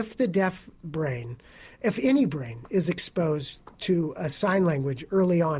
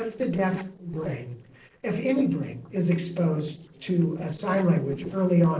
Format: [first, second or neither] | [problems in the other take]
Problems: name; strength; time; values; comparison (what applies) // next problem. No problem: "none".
first | noise reduction (neural separator model SepFormer DNS4)